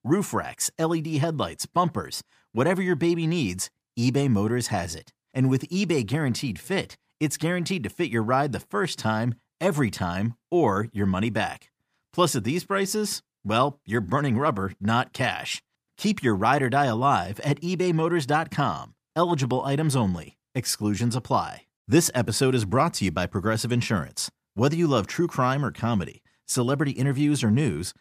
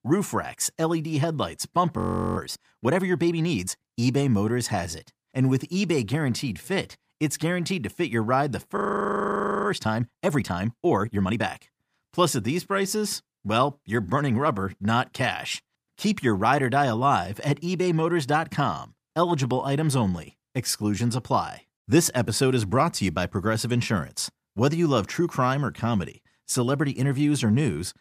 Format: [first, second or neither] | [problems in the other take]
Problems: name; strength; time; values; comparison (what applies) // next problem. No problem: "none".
first | audio freezing; at 2 s and at 9 s for 1 s